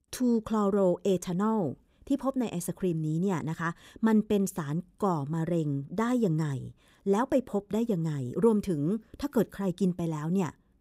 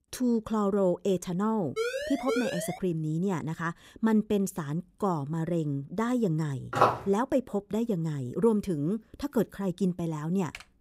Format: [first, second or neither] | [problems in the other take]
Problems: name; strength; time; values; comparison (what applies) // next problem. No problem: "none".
first | siren; noticeable; from 2 to 3 s; peak 2 dB below the speech // footsteps; loud; at 6.5 s; peak 4 dB above the speech // keyboard typing; faint; at 10 s; peak 15 dB below the speech